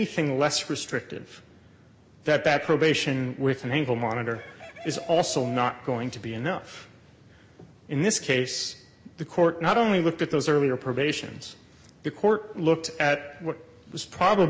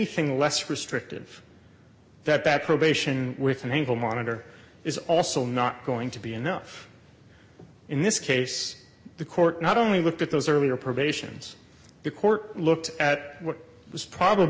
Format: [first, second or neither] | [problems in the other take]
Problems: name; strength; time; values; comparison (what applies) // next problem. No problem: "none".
second | background sound (Chicken, rooster); 17 dB below the speech